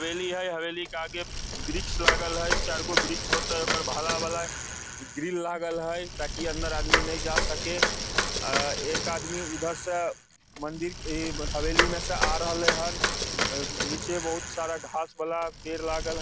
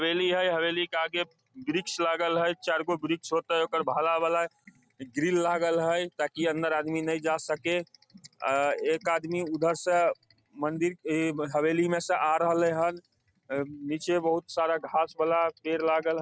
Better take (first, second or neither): second